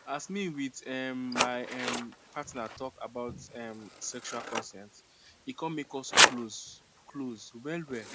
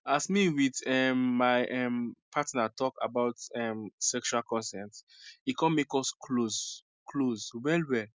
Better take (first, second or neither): second